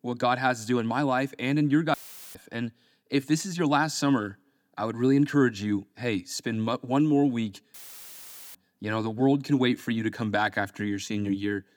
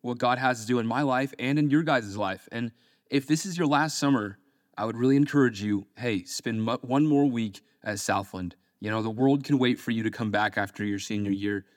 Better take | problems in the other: second | audio cutting out; filled with static; at 2 s and at 7.5 s for 1 s

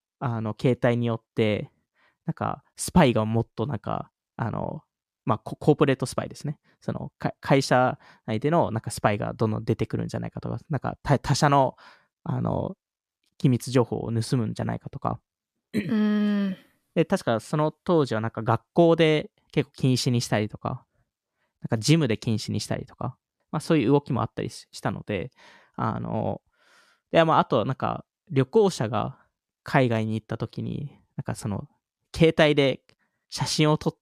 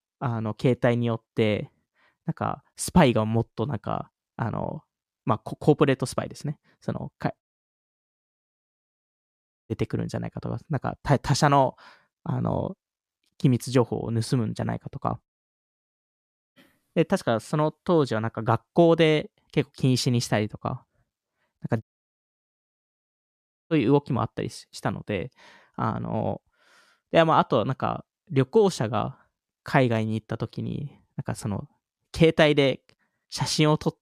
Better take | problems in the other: first | audio cutting out; at 7.5 s for 2.5 s, at 15 s for 1.5 s and at 22 s for 2 s

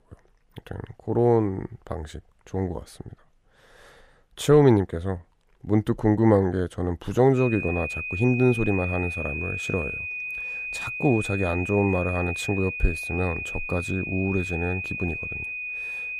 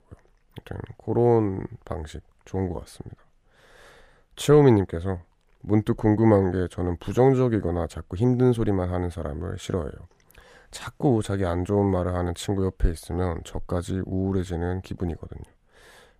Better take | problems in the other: second | high-pitched whine; loud; from 7.5 s on; 2.5 kHz, 6 dB below the speech

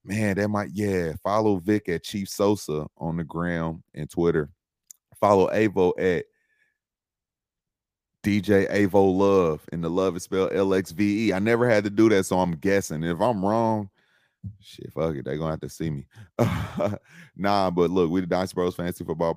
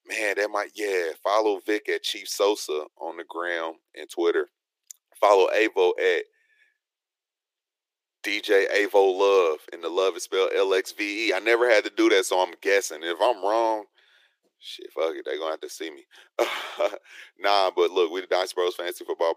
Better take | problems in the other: first | thin; very; fading below 350 Hz

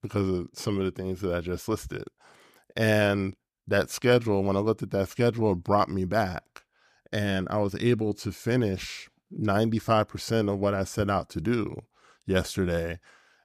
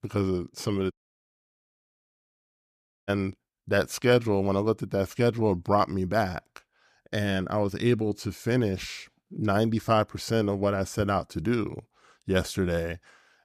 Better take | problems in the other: first | audio cutting out; at 1 s for 2 s

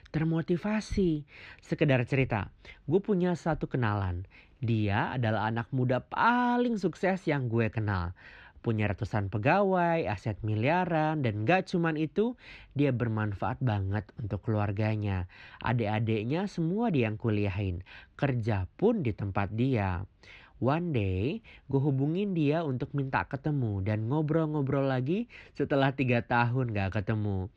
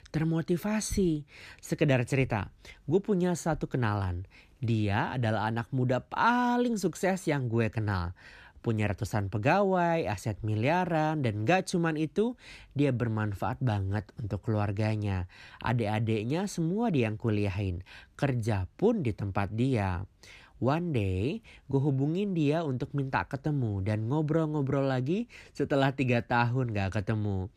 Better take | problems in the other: second | muffled; very slightly; fading above 3 kHz

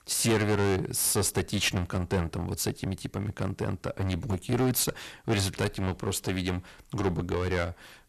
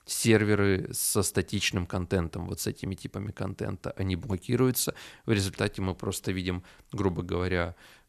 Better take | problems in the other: second | distortion; heavy; 10% of the sound clipped

